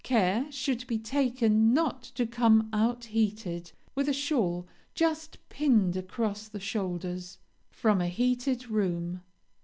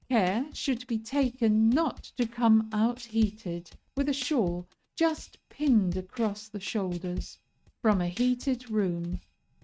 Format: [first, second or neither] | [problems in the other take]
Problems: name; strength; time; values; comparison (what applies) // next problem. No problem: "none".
first | noise reduction (neural mask model RNNoise)